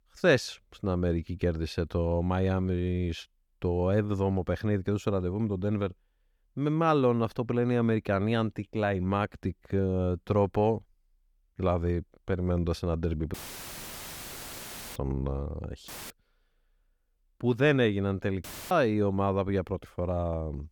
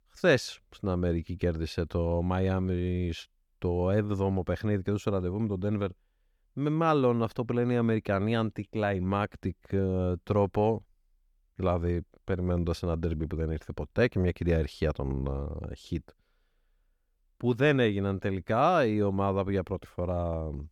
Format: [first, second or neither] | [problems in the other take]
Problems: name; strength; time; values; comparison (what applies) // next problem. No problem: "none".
second | audio cutting out; filled with static; at 13 s for 1.5 s, at 16 s and at 18 s